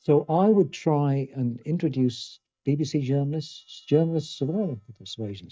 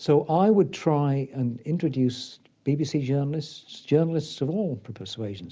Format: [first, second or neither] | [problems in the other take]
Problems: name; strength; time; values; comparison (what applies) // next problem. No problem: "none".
second | noise reduction (neural mask model DeepFilterNet 3)